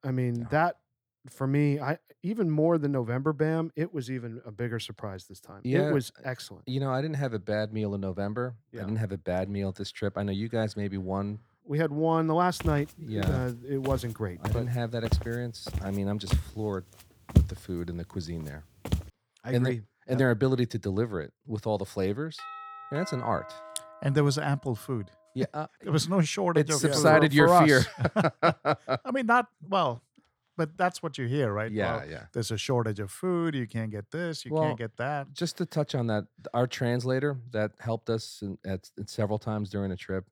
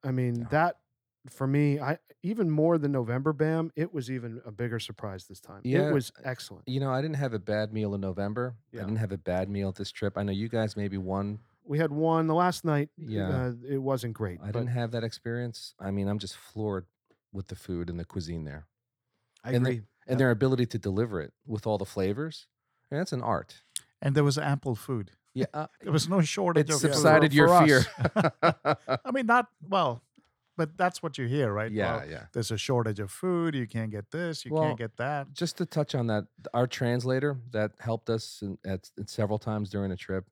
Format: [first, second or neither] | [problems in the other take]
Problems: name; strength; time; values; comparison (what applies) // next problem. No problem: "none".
second | footsteps; loud; from 13 to 19 s; peak 3 dB above the speech // doorbell; faint; from 22 to 25 s; peak 10 dB below the speech